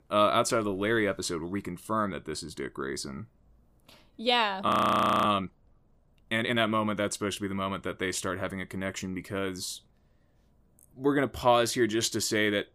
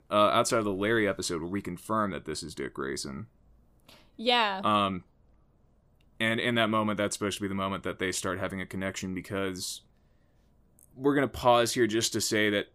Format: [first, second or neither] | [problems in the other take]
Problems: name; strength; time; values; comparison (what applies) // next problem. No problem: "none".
second | audio freezing; at 4.5 s for 0.5 s